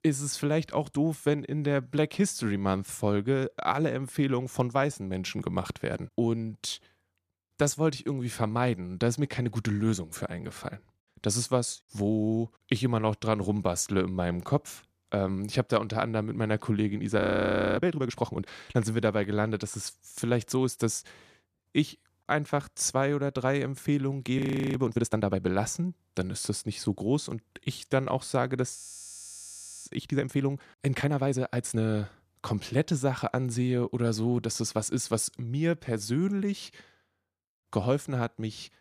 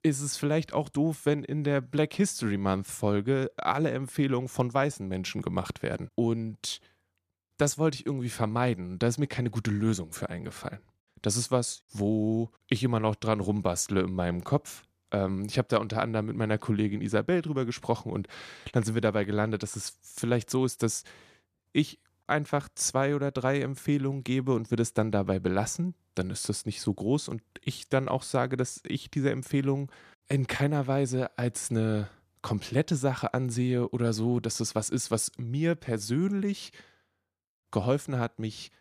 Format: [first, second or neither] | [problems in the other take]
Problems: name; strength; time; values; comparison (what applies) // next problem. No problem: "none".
second | audio freezing; at 17 s for 0.5 s, at 24 s and at 29 s for 1 s